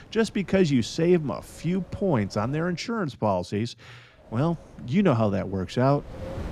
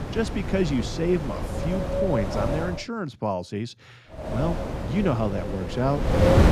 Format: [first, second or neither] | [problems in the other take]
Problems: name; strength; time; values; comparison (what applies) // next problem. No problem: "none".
first | wind noise on the microphone; heavy; until 2.5 s and from 4 s on; as loud as the speech; occasional gusts in the first